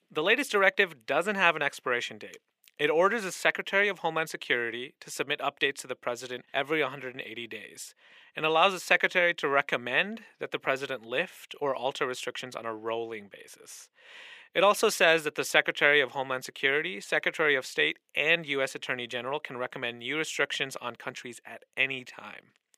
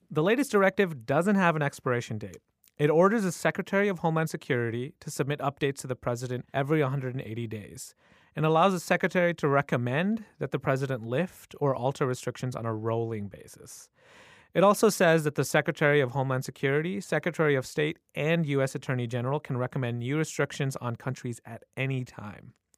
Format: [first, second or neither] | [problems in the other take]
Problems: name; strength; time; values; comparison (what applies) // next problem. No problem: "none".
second | thin; somewhat; fading below 350 Hz